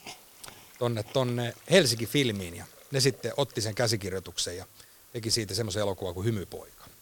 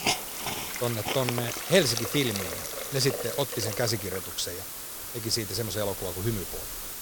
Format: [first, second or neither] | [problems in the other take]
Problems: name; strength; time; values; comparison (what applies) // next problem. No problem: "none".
first | hiss; loud; throughout; 3 dB below the speech; faint in the first